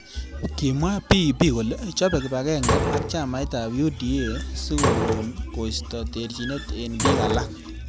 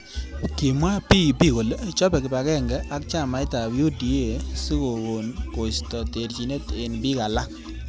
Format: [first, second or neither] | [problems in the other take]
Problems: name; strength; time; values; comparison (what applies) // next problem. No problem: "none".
second | background sound (Slam); 4 dB below the speech